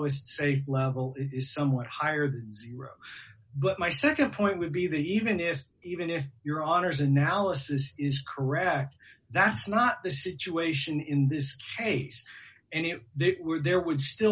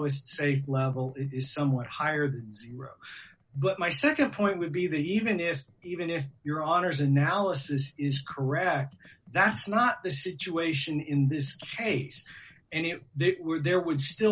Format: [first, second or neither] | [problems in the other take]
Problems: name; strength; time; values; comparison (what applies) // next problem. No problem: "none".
first | noise reduction (neural separator model SepFormer DNS4)